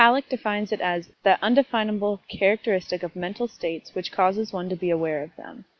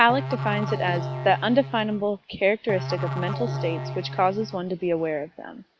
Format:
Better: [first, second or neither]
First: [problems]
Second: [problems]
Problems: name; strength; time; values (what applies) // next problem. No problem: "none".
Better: first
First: none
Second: background sound (Musical instrument); 7 dB below the speech